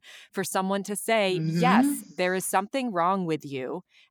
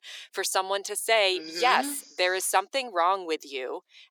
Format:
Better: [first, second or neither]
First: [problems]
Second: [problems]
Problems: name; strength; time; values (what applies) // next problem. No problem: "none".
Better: first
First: none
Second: thin; very; fading below 350 Hz